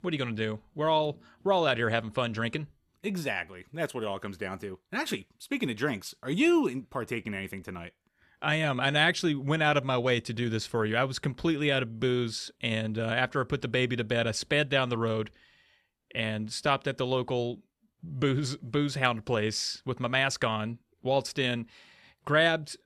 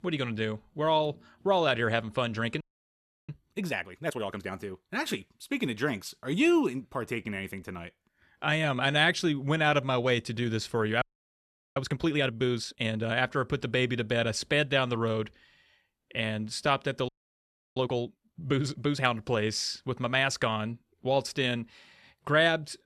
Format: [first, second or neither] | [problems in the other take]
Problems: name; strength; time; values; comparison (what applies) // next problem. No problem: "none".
first | audio freezing; at 2.5 s for 0.5 s, at 11 s for 0.5 s and at 17 s for 0.5 s